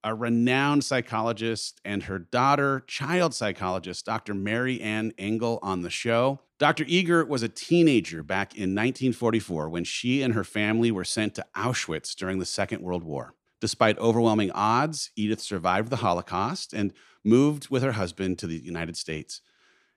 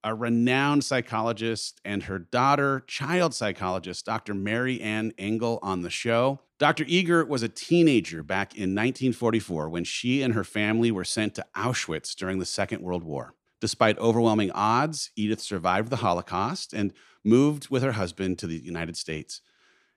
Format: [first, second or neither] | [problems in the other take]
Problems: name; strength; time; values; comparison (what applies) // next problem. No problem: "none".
neither | none